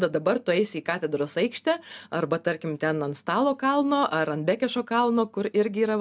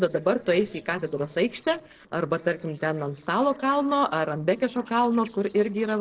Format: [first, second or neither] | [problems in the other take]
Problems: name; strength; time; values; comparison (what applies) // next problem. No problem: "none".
first | noise reduction (neural separator model SepFormer DNS4)